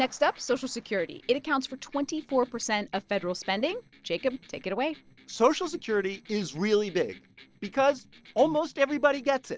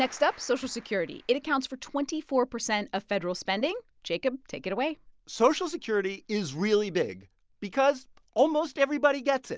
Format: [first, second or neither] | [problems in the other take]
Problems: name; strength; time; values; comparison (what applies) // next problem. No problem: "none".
second | noise reduction (neural separator model SepFormer DNS4)